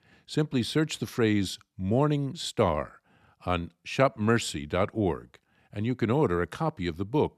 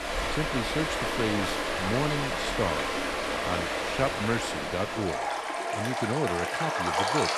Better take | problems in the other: first | rain or running water; very loud; throughout; 3 dB above the speech

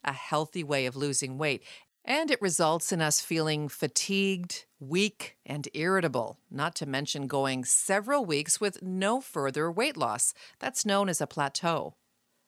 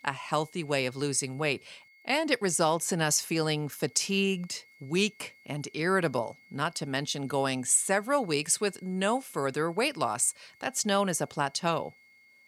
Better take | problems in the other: first | high-pitched whine; faint; throughout; 2 kHz, 30 dB below the speech

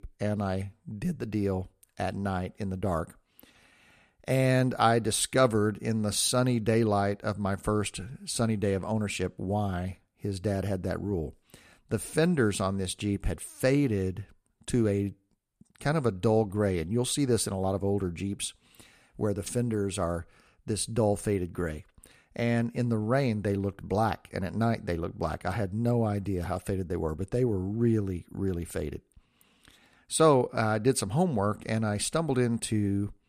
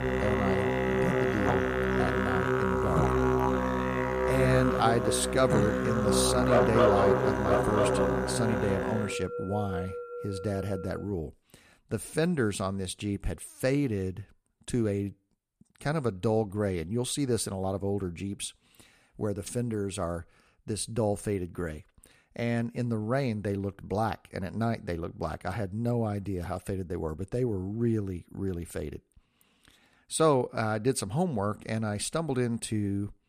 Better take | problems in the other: first | background music; very loud; until 11 s; 3 dB above the speech

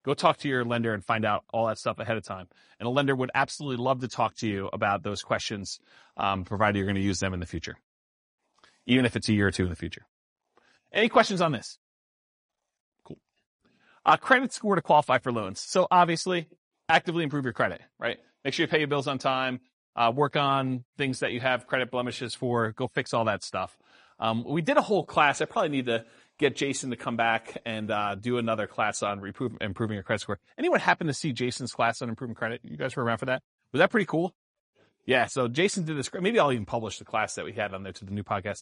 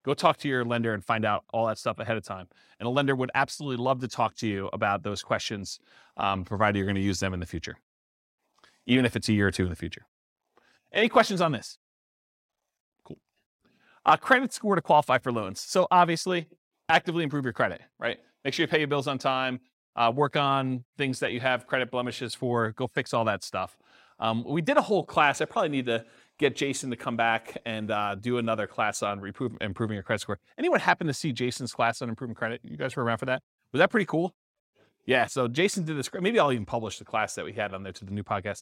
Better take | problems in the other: second | garbled, watery; slightly; nothing above 10 kHz

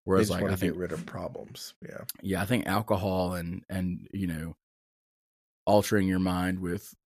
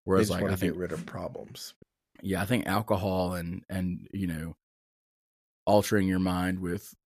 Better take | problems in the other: first | audio cutting out; at 2 s

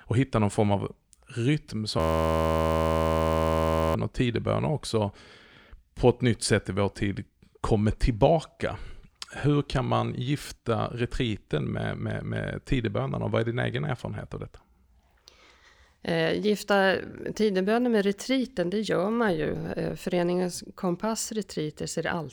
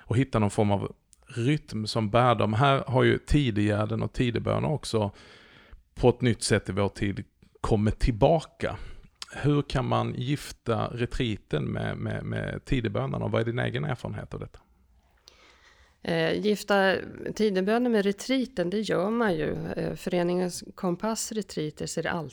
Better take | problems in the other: second | audio freezing; at 2 s for 2 s

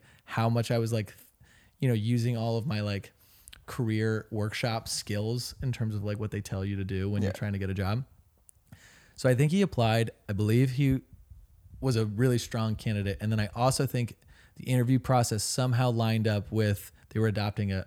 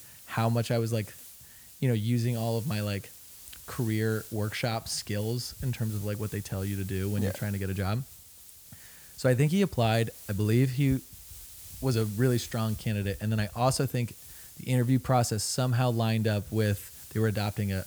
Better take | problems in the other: first | hiss; noticeable; throughout; 15 dB below the speech

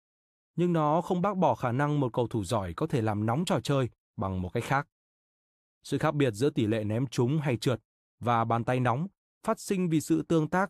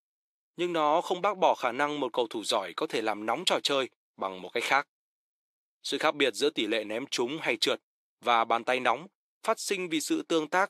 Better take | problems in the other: first | thin; somewhat; fading below 350 Hz

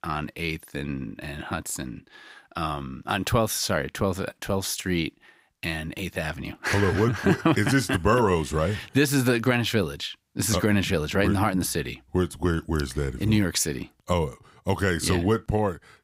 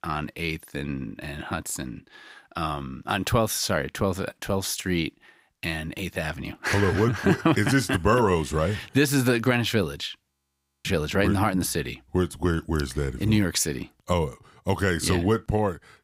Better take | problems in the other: first | audio freezing; at 10 s for 0.5 s

